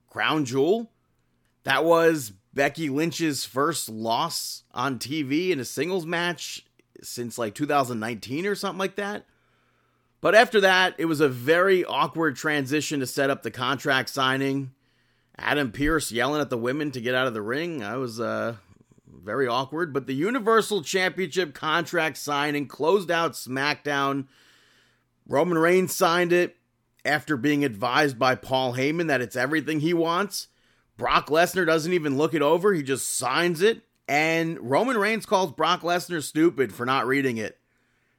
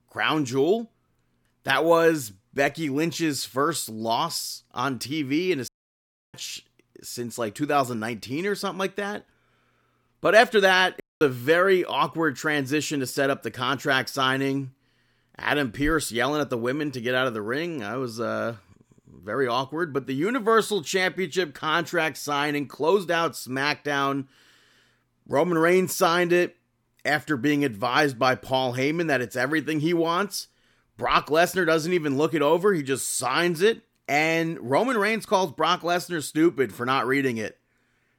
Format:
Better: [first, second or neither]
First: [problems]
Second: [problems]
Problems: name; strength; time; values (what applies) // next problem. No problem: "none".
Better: first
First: none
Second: audio cutting out; at 5.5 s for 0.5 s and at 11 s